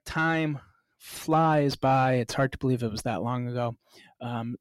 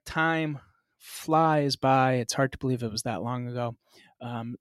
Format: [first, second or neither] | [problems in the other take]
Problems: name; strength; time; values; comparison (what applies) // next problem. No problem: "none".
second | distortion; slight; 10 dB below the speech